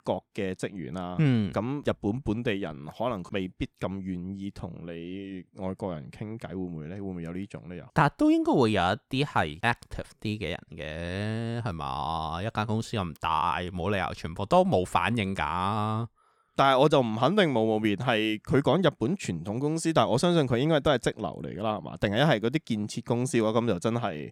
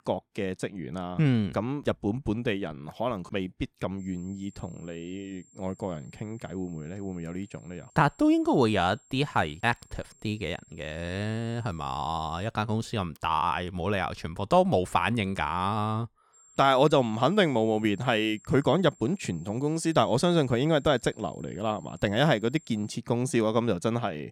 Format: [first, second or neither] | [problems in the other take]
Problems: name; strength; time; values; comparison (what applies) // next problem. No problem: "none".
first | high-pitched whine; faint; from 4 to 12 s and from 16 to 23 s; 7.5 kHz, 30 dB below the speech